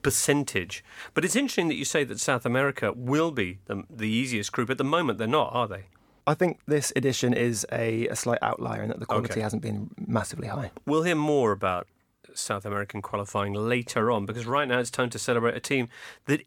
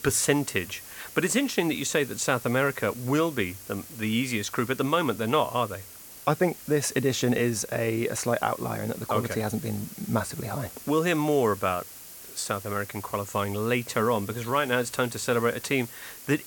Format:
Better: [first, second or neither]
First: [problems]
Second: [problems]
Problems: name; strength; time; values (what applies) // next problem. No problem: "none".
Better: first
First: none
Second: hiss; noticeable; throughout; 15 dB below the speech